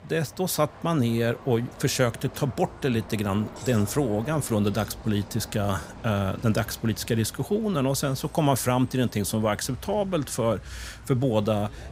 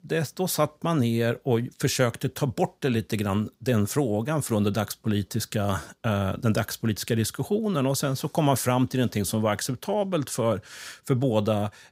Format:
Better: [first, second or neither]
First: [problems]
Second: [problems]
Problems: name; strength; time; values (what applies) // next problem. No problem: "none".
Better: second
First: traffic noise; noticeable; throughout; 15 dB below the speech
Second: none